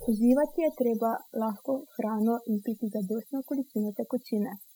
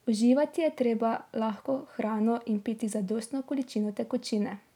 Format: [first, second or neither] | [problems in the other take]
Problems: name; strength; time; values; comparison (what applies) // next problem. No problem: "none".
second | noise reduction (classical method spectral subtraction)